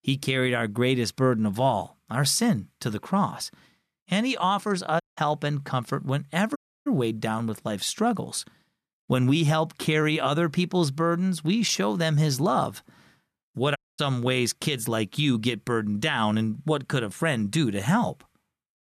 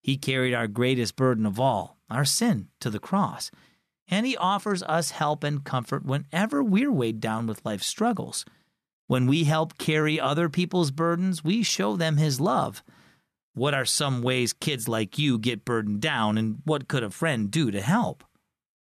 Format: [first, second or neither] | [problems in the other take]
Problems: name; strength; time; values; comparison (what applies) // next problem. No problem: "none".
second | audio cutting out; at 5 s, at 6.5 s and at 14 s